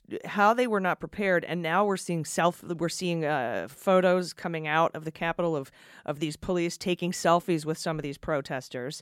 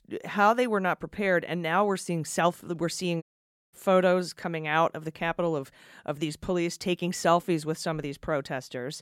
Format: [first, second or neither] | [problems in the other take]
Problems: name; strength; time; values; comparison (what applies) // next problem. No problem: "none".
first | audio cutting out; at 3 s for 0.5 s